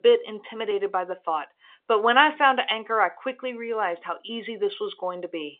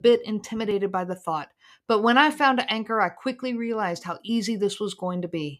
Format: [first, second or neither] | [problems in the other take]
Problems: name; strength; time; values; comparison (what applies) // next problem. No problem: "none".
second | phone-call audio; nothing above 3 kHz